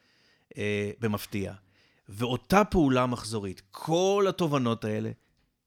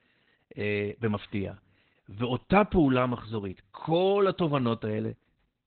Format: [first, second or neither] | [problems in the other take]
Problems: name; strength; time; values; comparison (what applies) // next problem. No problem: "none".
first | garbled, watery; badly; nothing above 4 kHz